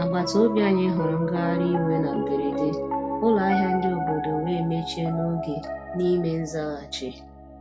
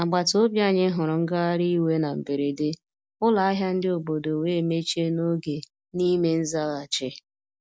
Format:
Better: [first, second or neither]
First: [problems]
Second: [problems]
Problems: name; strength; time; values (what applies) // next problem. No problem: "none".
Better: second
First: background sound (Piano); 4 dB below the speech // room echo; dies away in 0.2 s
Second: none